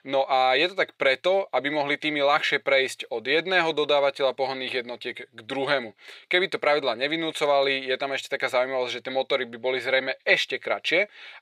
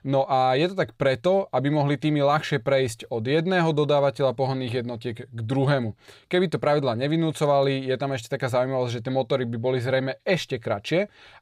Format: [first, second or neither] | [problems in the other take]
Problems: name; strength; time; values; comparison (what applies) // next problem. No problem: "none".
second | thin; somewhat; fading below 400 Hz